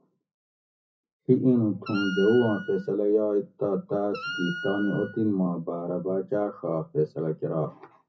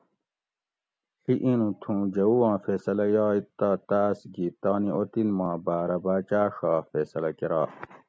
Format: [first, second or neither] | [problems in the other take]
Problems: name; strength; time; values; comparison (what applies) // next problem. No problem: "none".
second | noise reduction (classical method WPE with log-MMSE)